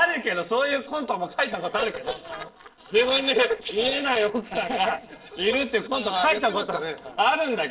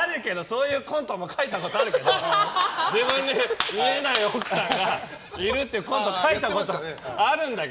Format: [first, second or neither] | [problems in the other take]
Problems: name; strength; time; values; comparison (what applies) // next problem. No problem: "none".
second | noise reduction (neural separator model SepFormer DNS4)